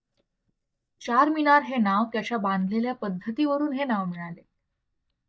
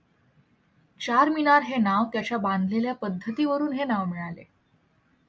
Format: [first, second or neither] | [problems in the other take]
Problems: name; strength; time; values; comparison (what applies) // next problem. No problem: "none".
second | noise reduction (neural mask model DeepFilterNet 3)